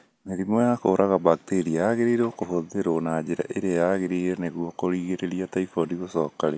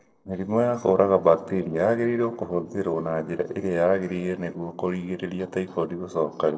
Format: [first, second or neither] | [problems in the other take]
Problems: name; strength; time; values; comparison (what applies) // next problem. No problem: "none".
first | noise reduction (neural separator model SepFormer DNS4)